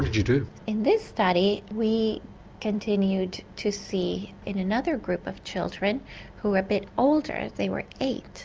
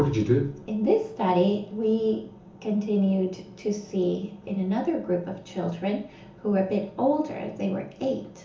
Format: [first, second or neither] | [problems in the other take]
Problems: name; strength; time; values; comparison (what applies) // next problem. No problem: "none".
first | room echo; dies away in 0.7 s